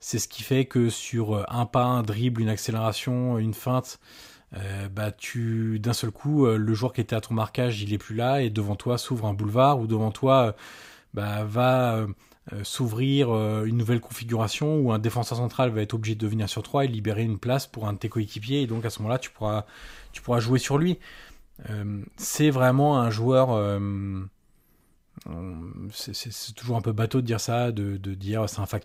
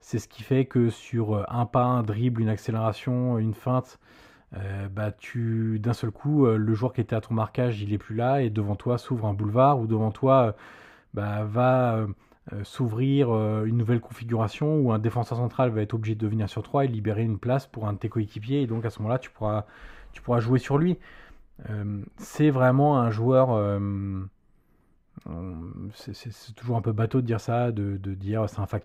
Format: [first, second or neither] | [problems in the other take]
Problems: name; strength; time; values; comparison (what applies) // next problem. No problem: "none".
first | muffled; slightly; fading above 3 kHz